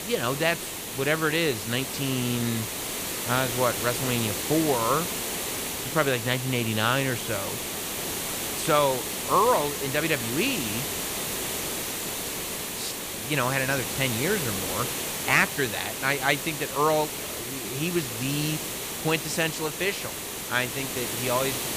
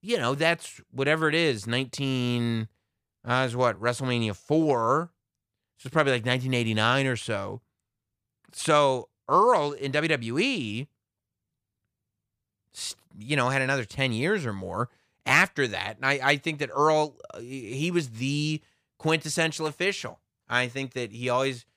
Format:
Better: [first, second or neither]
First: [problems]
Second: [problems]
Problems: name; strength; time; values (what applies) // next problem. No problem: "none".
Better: second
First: hiss; loud; throughout; 3 dB below the speech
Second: none